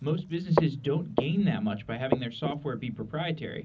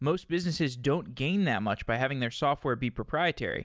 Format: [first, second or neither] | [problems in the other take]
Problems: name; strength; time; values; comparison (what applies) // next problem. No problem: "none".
second | background sound (Walk, footsteps); 5 dB below the speech // room echo; dies away in 0.4 s